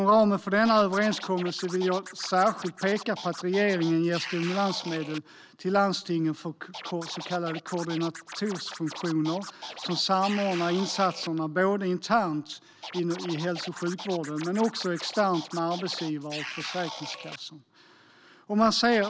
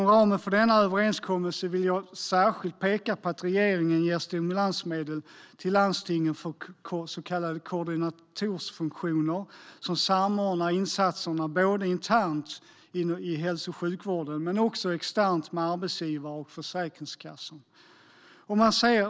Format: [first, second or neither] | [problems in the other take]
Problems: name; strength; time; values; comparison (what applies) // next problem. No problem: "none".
second | background sound (Scratching (performance technique)); 14 dB below the speech